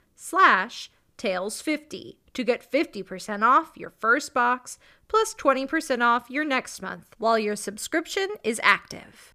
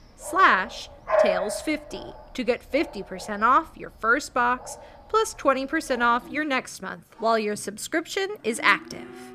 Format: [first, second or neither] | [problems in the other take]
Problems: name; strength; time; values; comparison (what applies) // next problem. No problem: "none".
first | animal sounds; loud; throughout; 7 dB below the speech